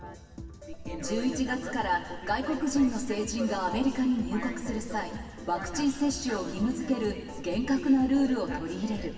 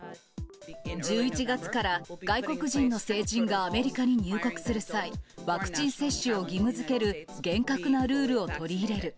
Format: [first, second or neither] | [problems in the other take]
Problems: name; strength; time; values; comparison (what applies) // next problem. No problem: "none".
second | room echo; dies away in 2.4 s